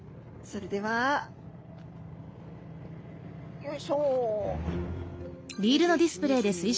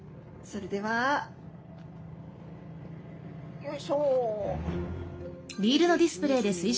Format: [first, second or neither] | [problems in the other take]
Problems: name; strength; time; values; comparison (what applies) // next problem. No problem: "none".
first | room echo; dies away in 0.2 s